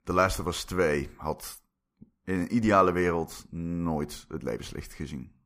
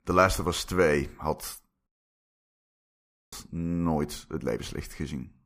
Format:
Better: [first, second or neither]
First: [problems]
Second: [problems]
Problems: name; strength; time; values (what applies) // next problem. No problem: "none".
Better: first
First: none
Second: audio cutting out; at 2 s for 1.5 s